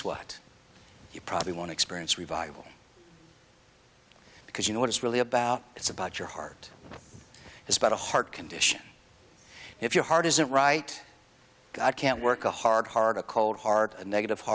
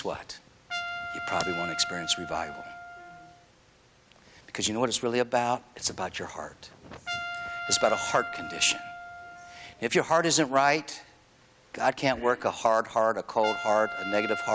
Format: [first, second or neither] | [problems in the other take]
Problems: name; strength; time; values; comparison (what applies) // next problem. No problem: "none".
first | background sound (Trumpet); 10 dB below the speech